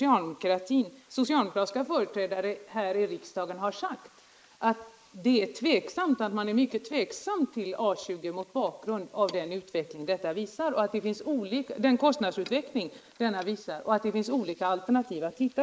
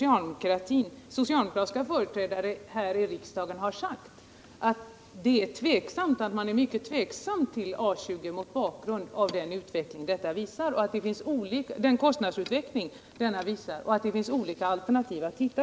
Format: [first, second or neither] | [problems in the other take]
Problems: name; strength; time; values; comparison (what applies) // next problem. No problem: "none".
second | noise reduction (neural mask model Resemble Enhance denoiser)